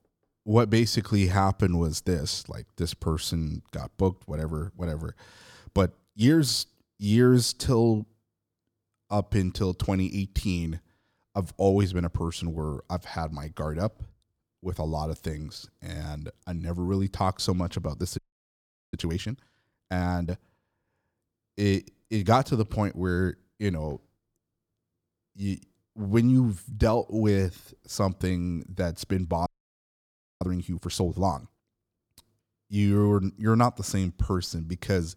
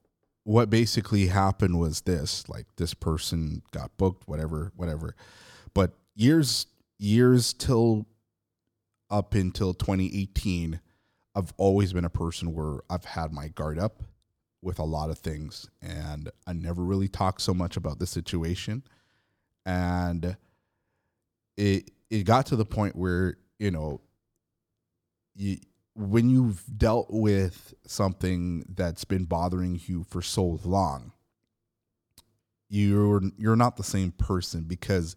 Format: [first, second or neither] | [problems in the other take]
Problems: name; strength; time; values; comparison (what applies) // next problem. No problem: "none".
second | audio freezing; at 18 s for 1 s and at 29 s for 1 s